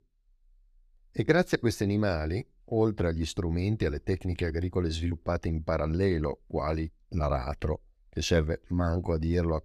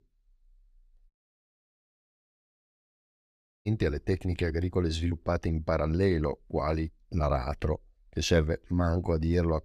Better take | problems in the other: first | audio cutting out; at 1 s for 2.5 s

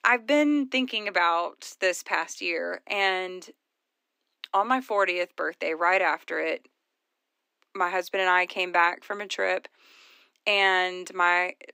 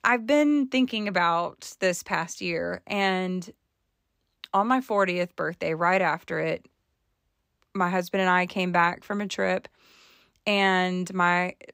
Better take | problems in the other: second | thin; very slightly; fading below 300 Hz

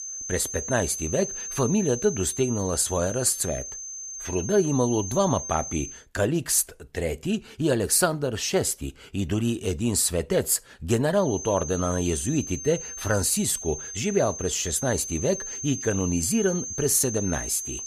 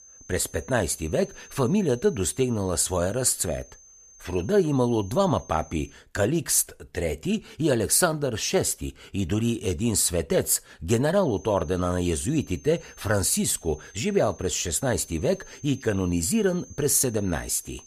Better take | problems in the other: second | high-pitched whine; loud; until 6 s and from 11 s on; 6.5 kHz, 7 dB below the speech; faint in the second

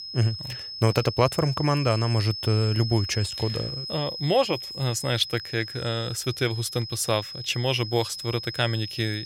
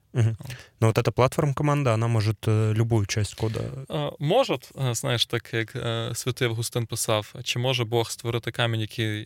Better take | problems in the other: second | high-pitched whine; loud; throughout; 5 kHz, 8 dB below the speech

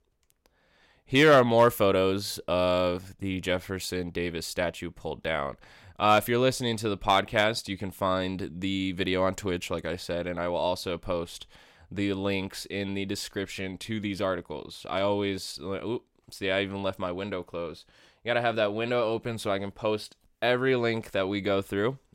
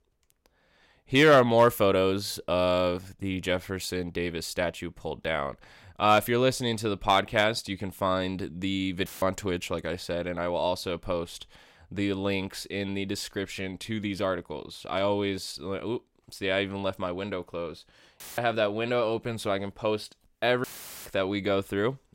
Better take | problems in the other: first | audio cutting out; filled with static; at 9 s, at 18 s and at 21 s

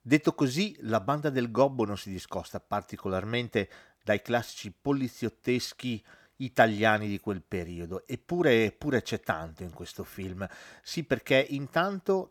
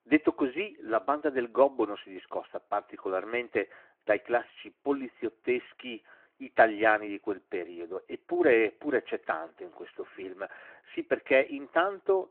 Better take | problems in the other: first | phone-call audio

